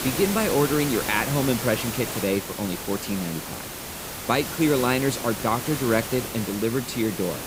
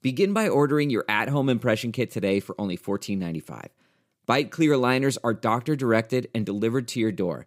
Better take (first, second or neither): second